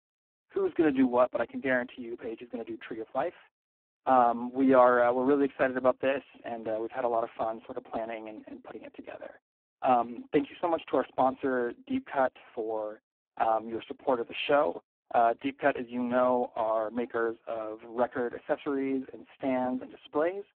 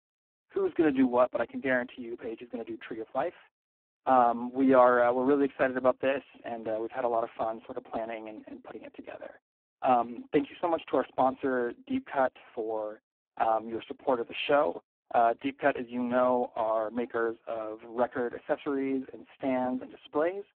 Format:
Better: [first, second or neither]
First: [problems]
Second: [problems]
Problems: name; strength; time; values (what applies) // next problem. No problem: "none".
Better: neither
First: phone-call audio; poor line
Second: phone-call audio; poor line